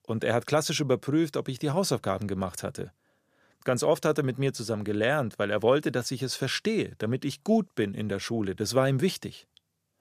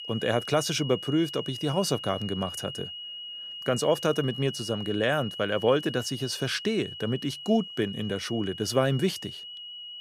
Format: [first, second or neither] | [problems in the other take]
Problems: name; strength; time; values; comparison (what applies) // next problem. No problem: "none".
first | high-pitched whine; loud; throughout; 3 kHz, 9 dB below the speech